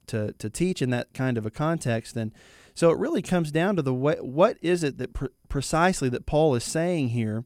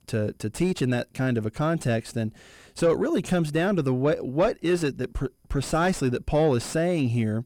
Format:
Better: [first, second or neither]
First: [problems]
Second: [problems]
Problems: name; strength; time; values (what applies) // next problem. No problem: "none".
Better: first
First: none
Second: distortion; slight; 10 dB below the speech